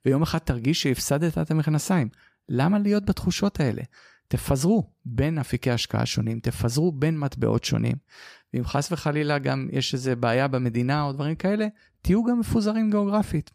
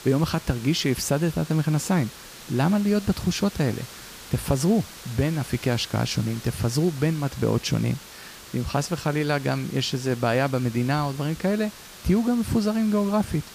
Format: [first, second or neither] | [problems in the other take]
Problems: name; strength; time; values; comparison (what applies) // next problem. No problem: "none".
first | hiss; noticeable; throughout; 15 dB below the speech